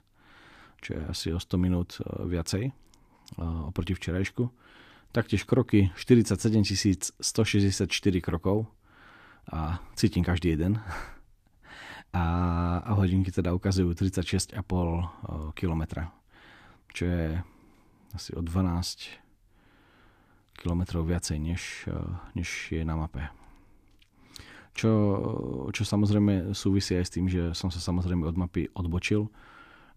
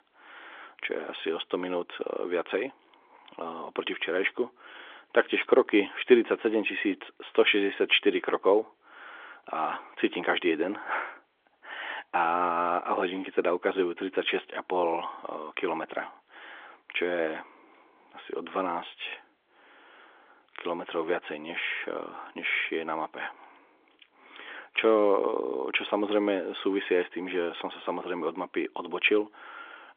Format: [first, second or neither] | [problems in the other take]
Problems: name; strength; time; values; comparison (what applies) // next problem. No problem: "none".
first | phone-call audio; nothing above 3.5 kHz